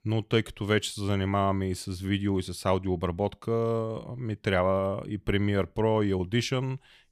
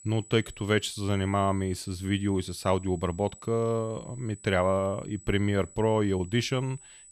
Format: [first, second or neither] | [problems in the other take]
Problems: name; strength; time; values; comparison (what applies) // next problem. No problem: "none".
first | high-pitched whine; faint; throughout; 8 kHz, 20 dB below the speech